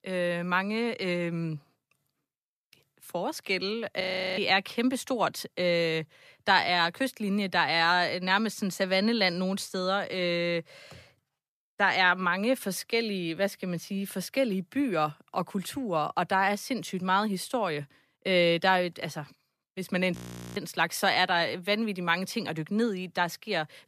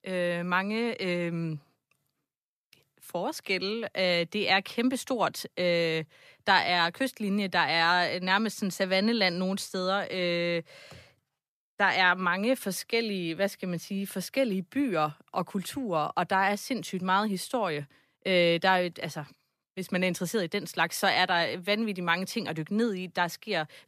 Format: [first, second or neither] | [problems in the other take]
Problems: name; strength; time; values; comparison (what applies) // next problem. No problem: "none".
second | audio freezing; at 4 s and at 20 s